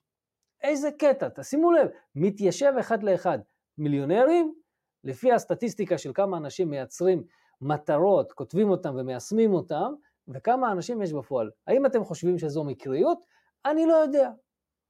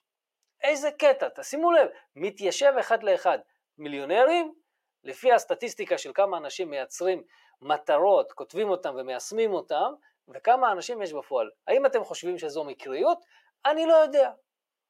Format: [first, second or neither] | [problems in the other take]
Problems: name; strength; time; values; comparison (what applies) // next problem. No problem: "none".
first | thin; very; fading below 650 Hz